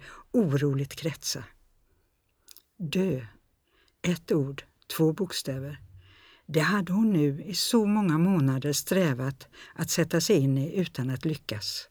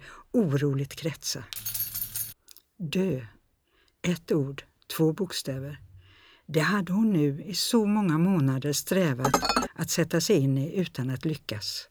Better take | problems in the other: first | jangling keys; noticeable; at 1.5 s; peak 1 dB below the speech // clattering dishes; loud; at 9 s; peak 3 dB above the speech

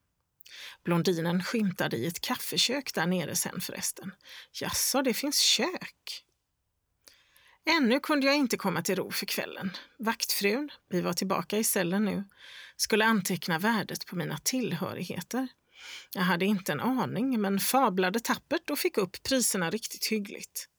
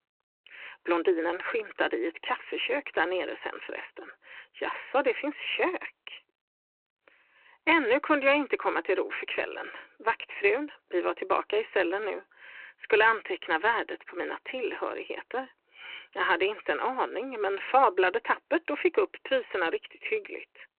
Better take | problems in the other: first | phone-call audio; nothing above 4 kHz

